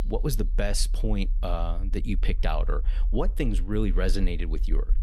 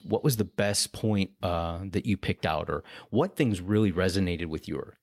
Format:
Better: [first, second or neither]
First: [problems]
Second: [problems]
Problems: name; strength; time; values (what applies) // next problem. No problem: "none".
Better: second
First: low rumble; faint; throughout; 20 dB below the speech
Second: none